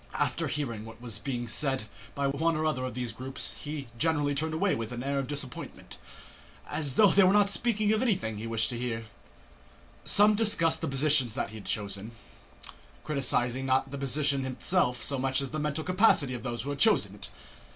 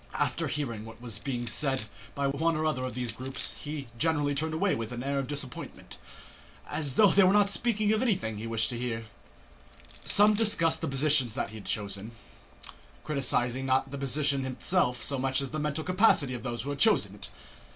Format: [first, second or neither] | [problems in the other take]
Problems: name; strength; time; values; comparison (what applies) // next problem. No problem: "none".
first | background sound (Crushing); 18 dB below the speech